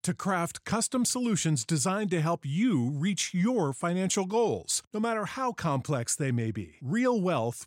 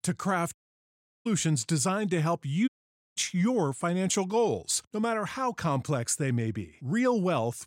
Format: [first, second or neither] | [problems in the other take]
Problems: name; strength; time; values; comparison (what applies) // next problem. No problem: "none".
first | audio cutting out; at 0.5 s for 0.5 s and at 2.5 s